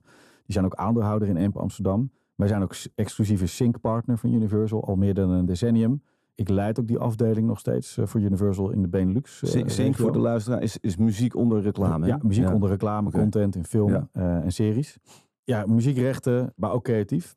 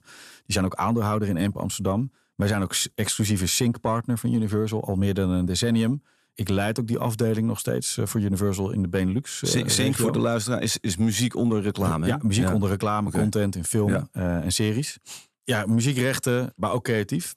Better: second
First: muffled; slightly; fading above 1 kHz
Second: none

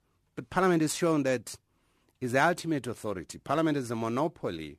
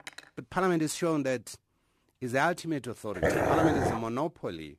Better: first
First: none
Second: clattering dishes; faint; at the start; peak 15 dB below the speech // dog barking; loud; at 3 s; peak 5 dB above the speech

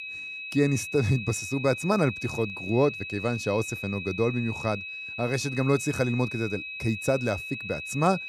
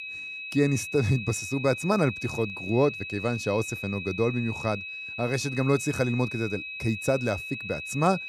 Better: neither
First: high-pitched whine; loud; throughout; 2.5 kHz, 7 dB below the speech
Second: high-pitched whine; loud; throughout; 2.5 kHz, 7 dB below the speech

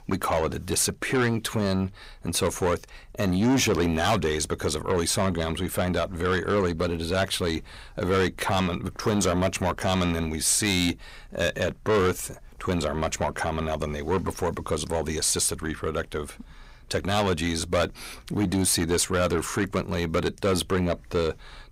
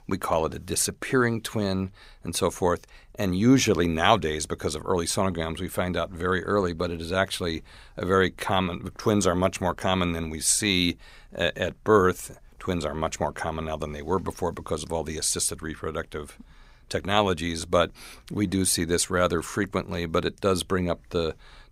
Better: second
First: distortion; heavy; 7 dB below the speech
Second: none

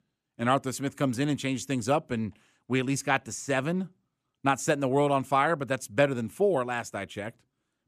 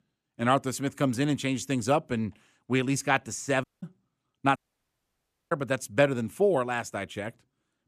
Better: first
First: none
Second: audio cutting out; at 3.5 s and at 4.5 s for 1 s

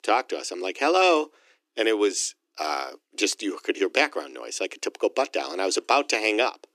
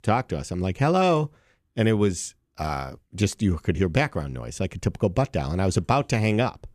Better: second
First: thin; very; fading below 300 Hz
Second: none

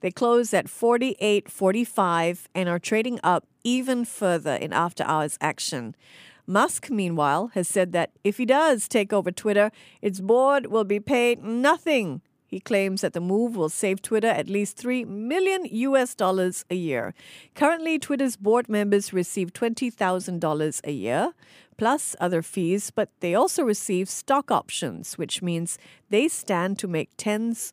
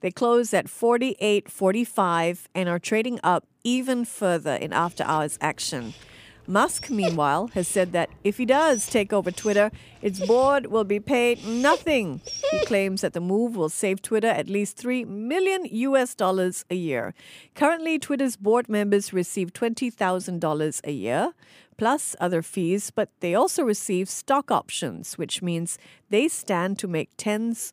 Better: first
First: none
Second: dog barking; noticeable; from 7 to 13 s; peak 1 dB below the speech

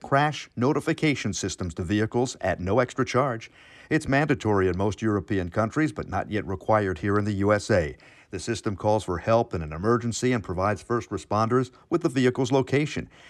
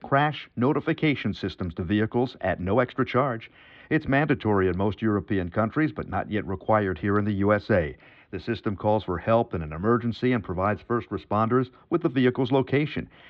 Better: first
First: none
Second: muffled; slightly; fading above 3.5 kHz

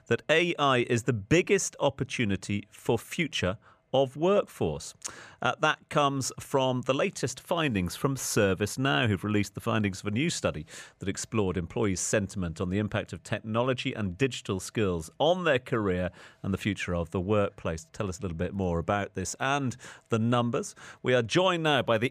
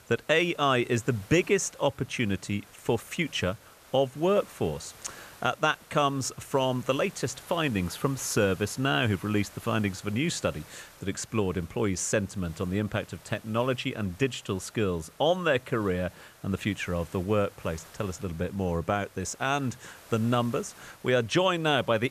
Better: first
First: none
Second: hiss; faint; throughout; 20 dB below the speech

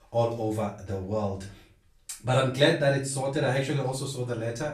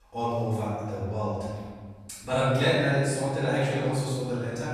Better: first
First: room echo; slight; dies away in 0.3 s // off-mic speech; far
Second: room echo; strong; dies away in 1.7 s // off-mic speech; far

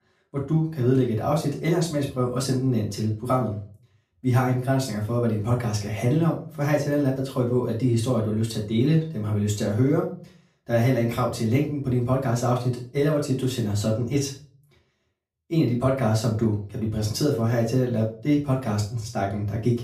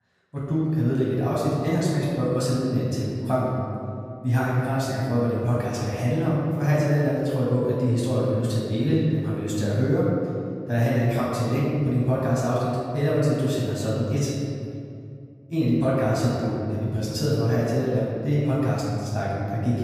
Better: first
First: room echo; slight; dies away in 0.3 s // off-mic speech; far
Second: room echo; strong; dies away in 2.2 s // off-mic speech; far

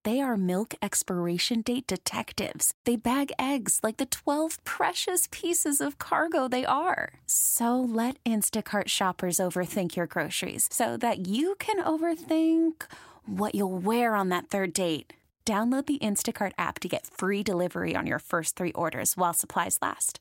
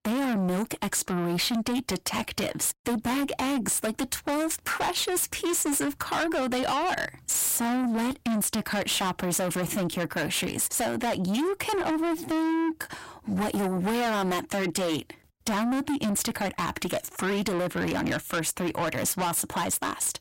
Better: first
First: none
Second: distortion; heavy; 6 dB below the speech

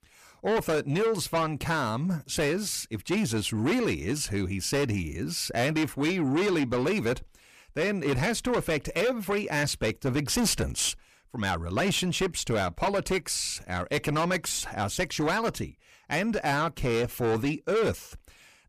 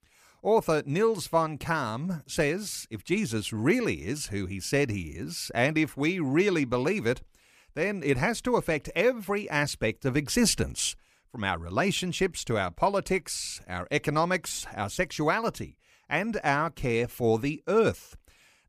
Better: second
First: distortion; heavy; 7 dB below the speech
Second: none

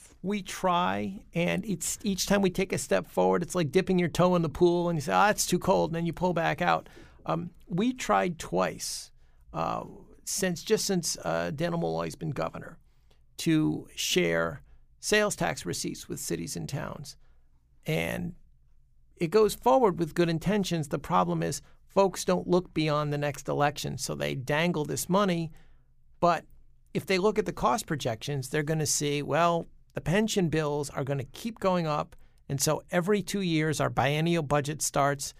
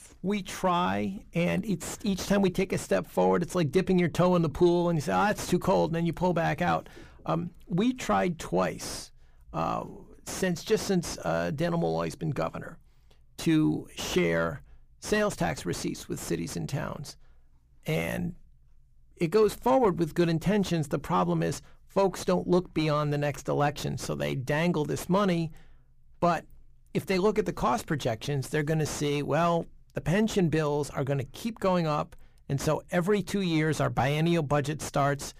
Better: first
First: none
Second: distortion; slight; 10 dB below the speech

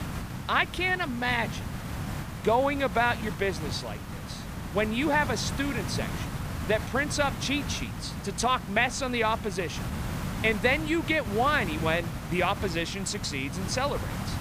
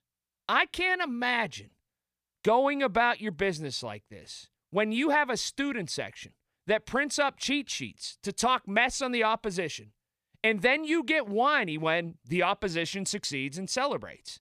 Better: second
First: hiss; loud; throughout; 7 dB below the speech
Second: none

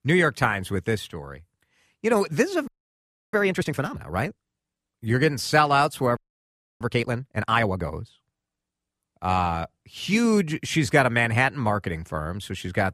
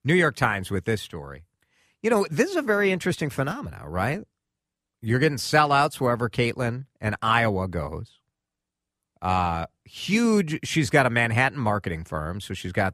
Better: second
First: audio freezing; at 2.5 s for 0.5 s and at 6 s for 0.5 s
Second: none

